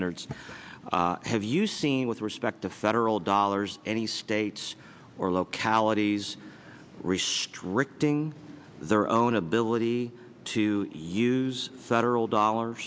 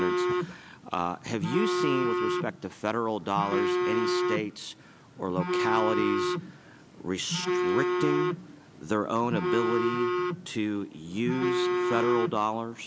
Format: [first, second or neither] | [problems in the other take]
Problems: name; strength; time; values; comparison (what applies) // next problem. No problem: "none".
first | background sound (Telephone); 2 dB above the speech